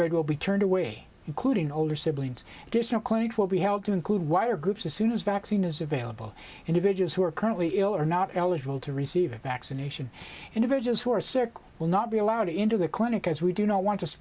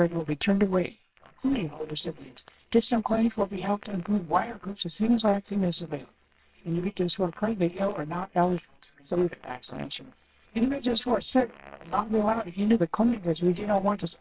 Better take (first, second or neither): first